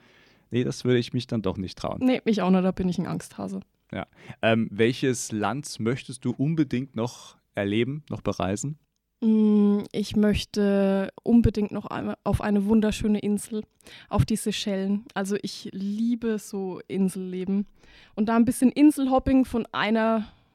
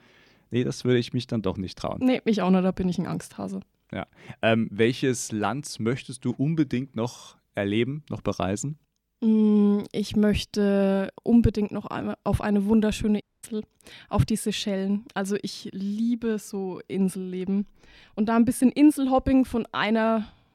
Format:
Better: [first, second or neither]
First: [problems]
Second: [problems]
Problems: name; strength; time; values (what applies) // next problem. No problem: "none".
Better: first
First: none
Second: audio cutting out; at 13 s